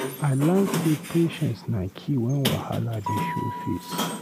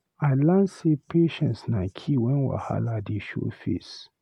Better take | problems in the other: second | background sound (Sliding door); 6 dB below the speech

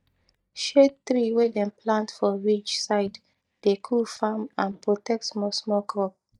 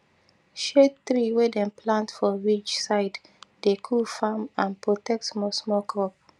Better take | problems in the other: second | noise reduction (neural mask model DeepFilterNet 3)

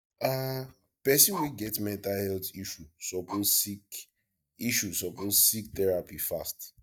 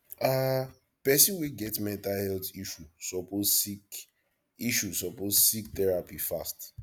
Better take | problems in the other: second | noise reduction (neural mask model DeepFilterNet 3)

